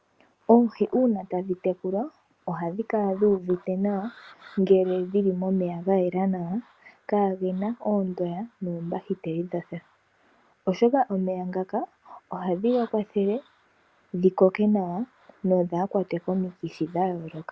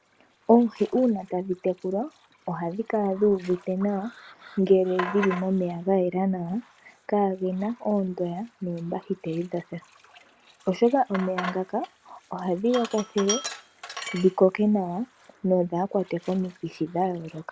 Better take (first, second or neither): first